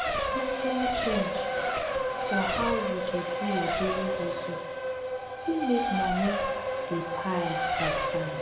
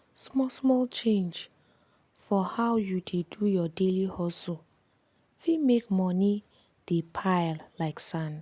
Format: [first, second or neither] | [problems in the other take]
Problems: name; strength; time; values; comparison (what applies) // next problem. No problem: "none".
second | background sound (Race car, auto racing); 3 dB above the speech // room echo; dies away in 0.6 s